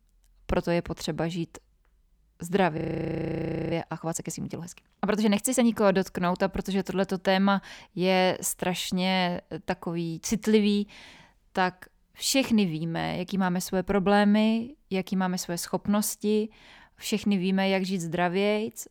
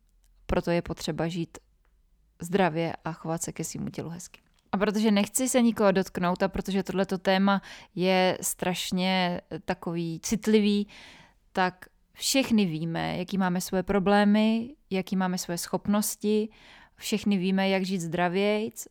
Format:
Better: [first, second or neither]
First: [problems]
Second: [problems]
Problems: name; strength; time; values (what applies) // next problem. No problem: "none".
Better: second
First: audio freezing; at 3 s for 1 s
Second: none